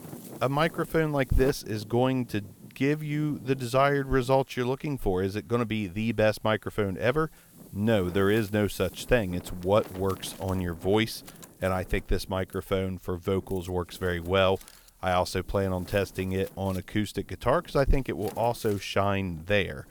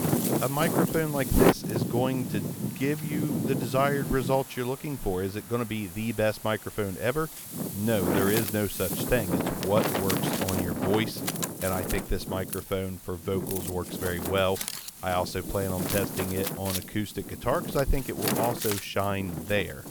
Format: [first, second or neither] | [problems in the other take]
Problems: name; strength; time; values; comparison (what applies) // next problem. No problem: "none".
first | wind noise on the microphone; heavy; 3 dB below the speech; occasional gusts in the first